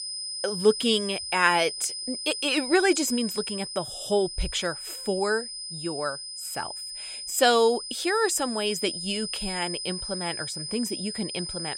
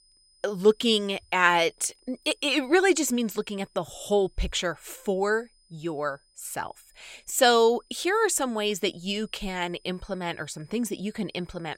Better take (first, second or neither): second